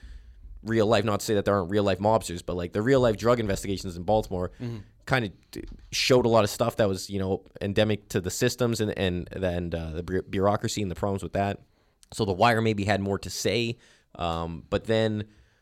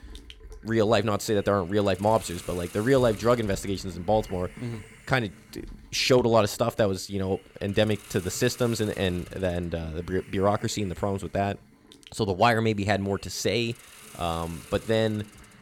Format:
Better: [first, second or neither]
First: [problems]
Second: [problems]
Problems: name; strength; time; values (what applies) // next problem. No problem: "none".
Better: first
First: none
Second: hiss; faint; throughout; 20 dB below the speech